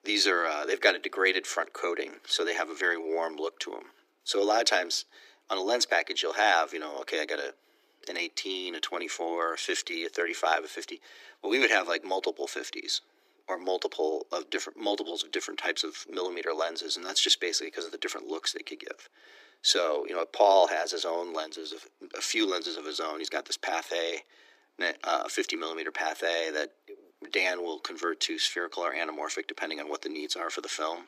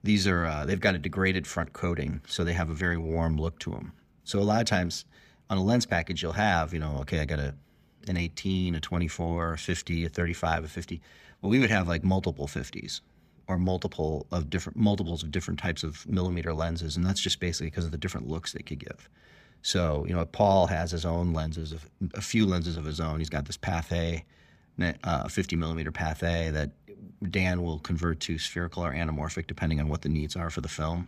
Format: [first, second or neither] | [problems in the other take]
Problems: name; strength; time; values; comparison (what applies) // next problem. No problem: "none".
second | thin; very; fading below 300 Hz